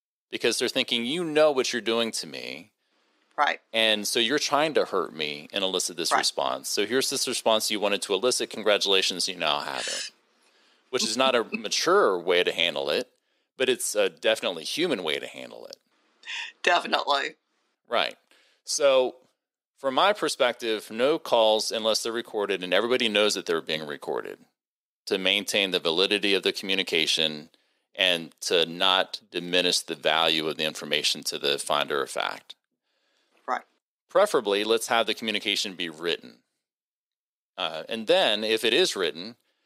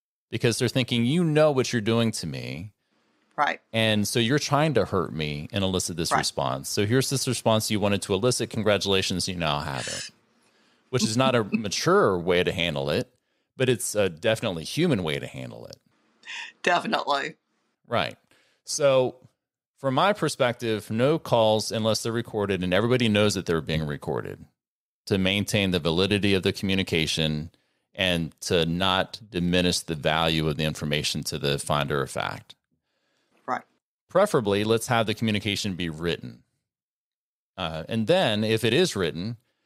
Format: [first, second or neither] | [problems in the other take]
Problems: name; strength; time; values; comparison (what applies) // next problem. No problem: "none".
second | thin; somewhat; fading below 300 Hz